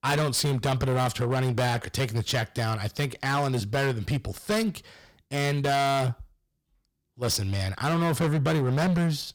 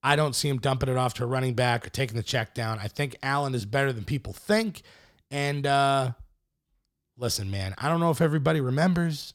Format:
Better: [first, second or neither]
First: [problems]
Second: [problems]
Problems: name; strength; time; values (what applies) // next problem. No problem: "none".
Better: second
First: distortion; heavy; 16% of the sound clipped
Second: none